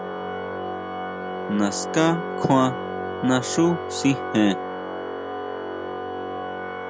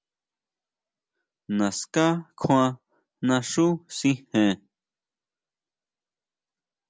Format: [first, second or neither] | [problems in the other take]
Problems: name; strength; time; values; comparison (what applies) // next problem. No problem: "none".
second | background sound (Organ); 4 dB below the speech